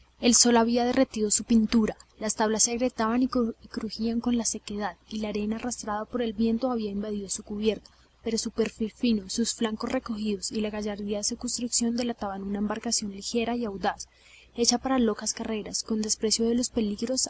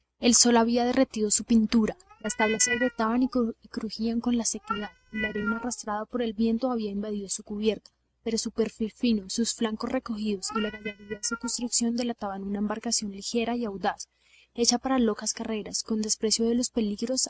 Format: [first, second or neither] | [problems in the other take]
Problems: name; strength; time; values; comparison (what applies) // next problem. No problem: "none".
first | noise reduction (neural mask model RNNoise)